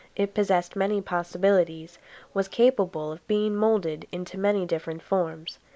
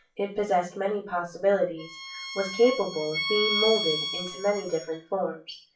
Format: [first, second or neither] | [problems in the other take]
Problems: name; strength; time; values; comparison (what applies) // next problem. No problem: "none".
first | noise reduction (classical method WPE with log-MMSE)